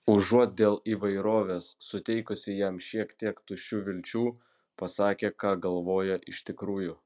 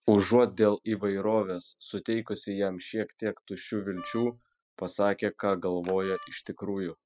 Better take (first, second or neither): first